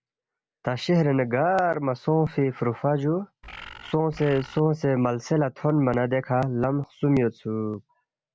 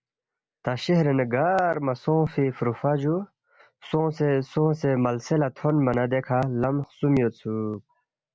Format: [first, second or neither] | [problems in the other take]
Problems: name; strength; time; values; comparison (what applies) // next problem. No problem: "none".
second | background sound (Bird); 17 dB below the speech